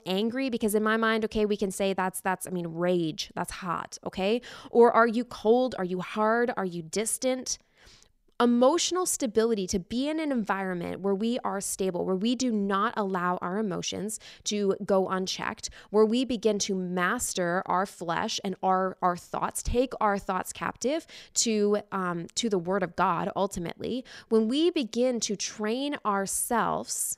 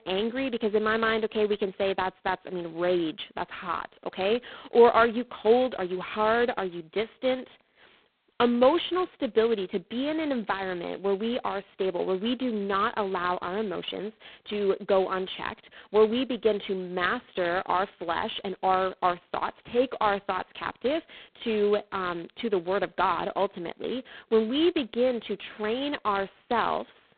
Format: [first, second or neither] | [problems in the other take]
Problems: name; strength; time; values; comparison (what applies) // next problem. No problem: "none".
first | phone-call audio; poor line; nothing above 4 kHz